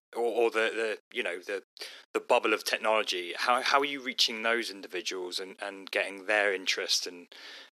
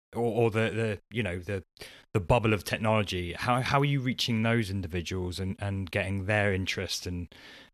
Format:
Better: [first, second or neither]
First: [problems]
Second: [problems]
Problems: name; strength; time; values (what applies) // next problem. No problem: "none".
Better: second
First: thin; very; fading below 300 Hz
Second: none